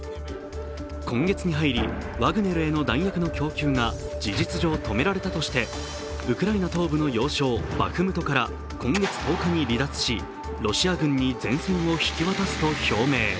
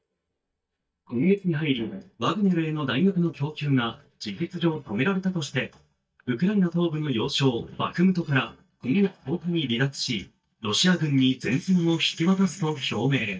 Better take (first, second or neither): first